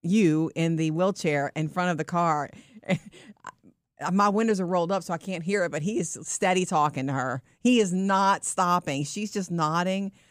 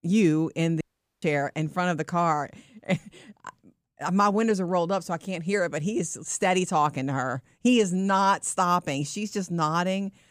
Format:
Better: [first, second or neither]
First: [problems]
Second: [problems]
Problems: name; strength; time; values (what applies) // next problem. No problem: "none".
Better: first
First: none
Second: audio cutting out; at 1 s